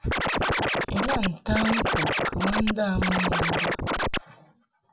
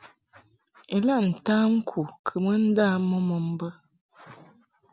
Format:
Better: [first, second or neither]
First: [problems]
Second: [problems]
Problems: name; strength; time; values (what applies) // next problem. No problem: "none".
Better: second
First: background sound (Scratching (performance technique)); 4 dB above the speech // room echo; dies away in 0.2 s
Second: none